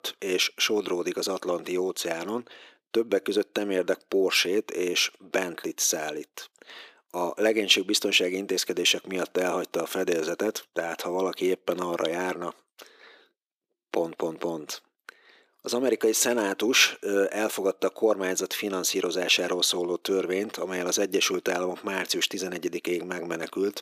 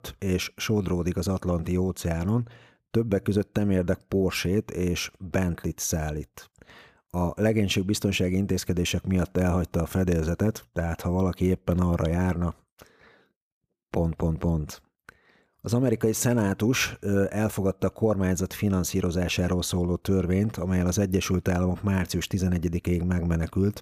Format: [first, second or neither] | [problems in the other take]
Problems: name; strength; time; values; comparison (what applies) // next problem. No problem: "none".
second | thin; somewhat; fading below 300 Hz